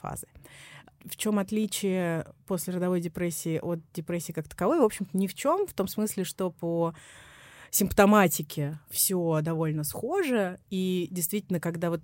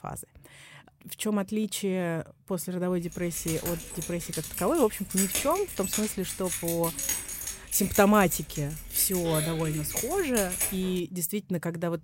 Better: first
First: none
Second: jangling keys; loud; from 3 to 11 s; peak 2 dB above the speech

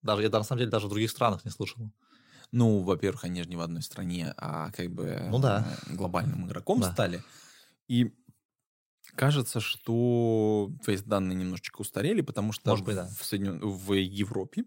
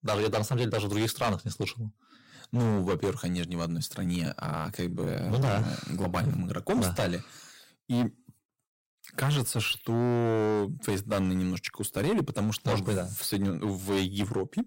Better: first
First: none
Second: distortion; heavy; 11% of the sound clipped

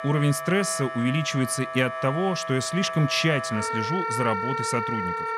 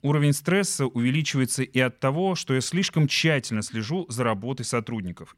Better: second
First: background music; loud; throughout; 4 dB below the speech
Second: none

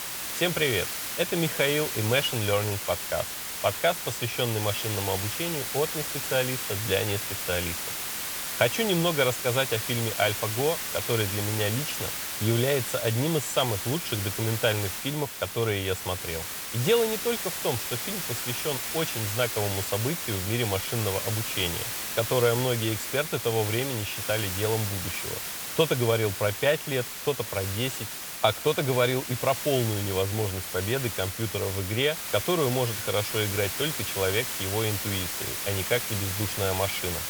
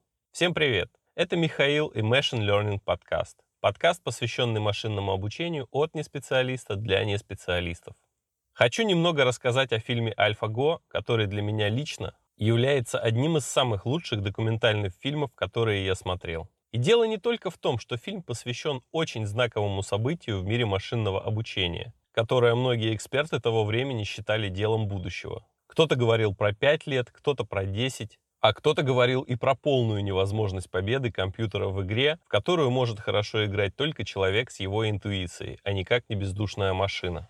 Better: second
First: hiss; loud; throughout; 3 dB below the speech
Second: none

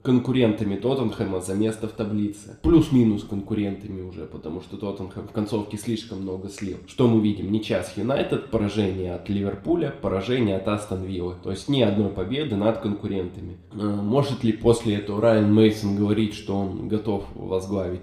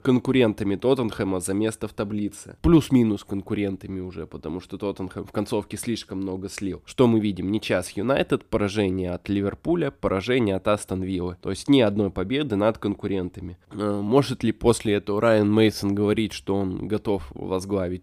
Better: second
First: room echo; slight; dies away in 0.7 s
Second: none

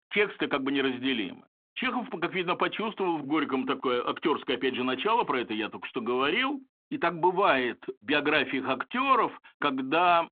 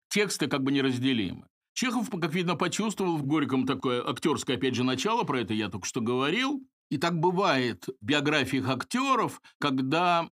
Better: second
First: phone-call audio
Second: none

